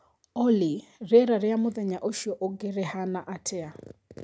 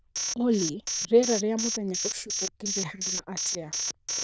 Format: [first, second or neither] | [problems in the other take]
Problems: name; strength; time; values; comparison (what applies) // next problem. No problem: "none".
first | noise reduction (neural diffusion model UNIVERSE++)